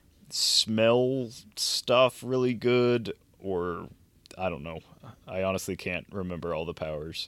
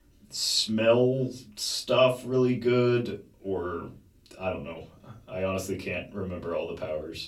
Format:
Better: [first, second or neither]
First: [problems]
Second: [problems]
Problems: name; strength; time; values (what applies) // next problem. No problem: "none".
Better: first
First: none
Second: off-mic speech; far // room echo; very slight; dies away in 0.2 s